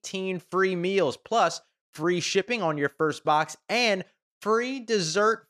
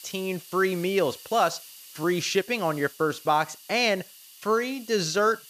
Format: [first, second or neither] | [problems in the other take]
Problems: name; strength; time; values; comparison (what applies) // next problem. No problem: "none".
first | hiss; noticeable; throughout; 20 dB below the speech